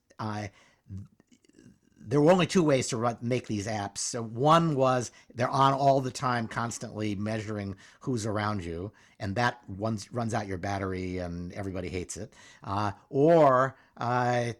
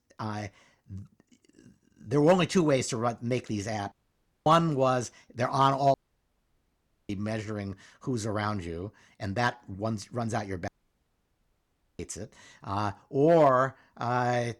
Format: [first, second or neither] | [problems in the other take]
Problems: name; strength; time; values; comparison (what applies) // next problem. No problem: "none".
first | audio cutting out; at 4 s for 0.5 s, at 6 s for 1 s and at 11 s for 1.5 s